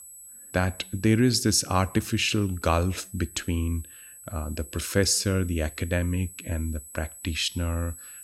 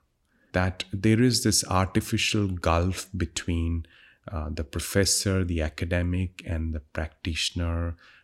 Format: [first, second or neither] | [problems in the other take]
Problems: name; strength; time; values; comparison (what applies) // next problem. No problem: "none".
second | high-pitched whine; noticeable; throughout; 8 kHz, 15 dB below the speech